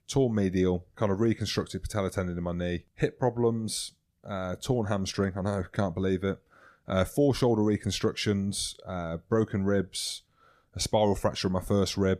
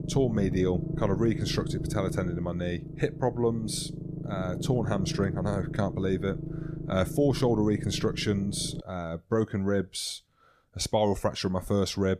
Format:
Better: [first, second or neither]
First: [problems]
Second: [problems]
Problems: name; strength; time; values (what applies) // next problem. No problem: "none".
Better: first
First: none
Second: low rumble; noticeable; until 9 s; 10 dB below the speech